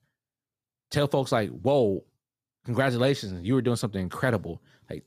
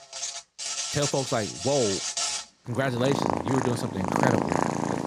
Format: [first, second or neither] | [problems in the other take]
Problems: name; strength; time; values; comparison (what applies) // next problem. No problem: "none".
first | animal sounds; very loud; throughout; as loud as the speech